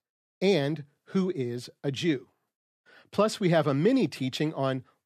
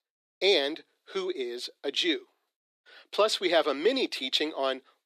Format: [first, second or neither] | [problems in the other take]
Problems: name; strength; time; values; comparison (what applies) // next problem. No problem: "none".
first | thin; somewhat; fading below 350 Hz